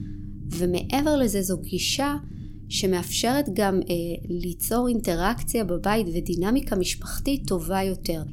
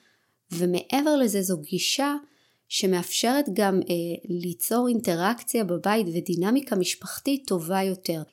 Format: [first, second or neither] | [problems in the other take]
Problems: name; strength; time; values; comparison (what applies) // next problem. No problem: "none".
second | low rumble; faint; throughout; 20 dB below the speech